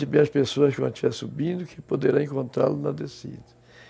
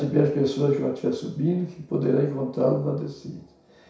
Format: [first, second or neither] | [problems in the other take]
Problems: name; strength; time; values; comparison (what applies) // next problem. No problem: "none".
first | room echo; dies away in 0.6 s